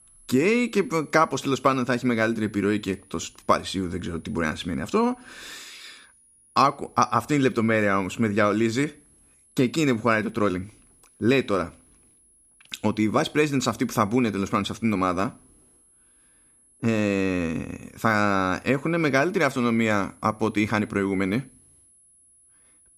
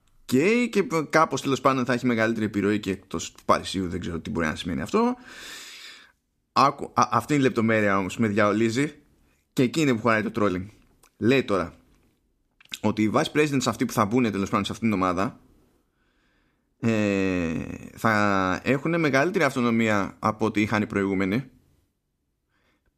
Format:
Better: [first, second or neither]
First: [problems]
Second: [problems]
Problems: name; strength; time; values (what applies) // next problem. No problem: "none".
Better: second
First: high-pitched whine; faint; throughout; 10.5 kHz, 30 dB below the speech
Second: none